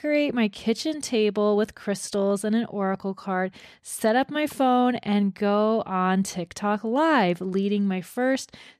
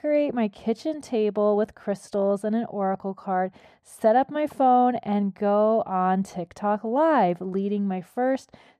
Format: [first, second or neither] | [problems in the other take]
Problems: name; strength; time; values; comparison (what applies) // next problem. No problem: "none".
first | muffled; very; fading above 2 kHz